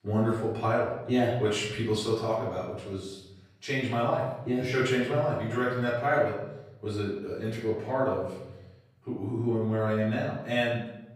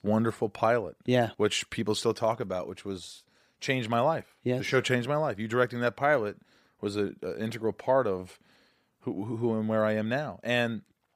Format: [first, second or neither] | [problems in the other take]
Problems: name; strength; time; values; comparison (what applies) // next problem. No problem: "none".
second | off-mic speech; far // room echo; noticeable; dies away in 1 s